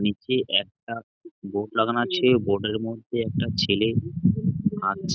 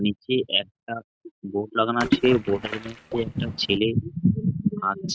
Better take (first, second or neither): first